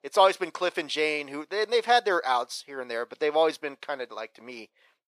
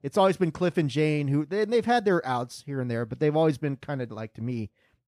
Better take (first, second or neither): second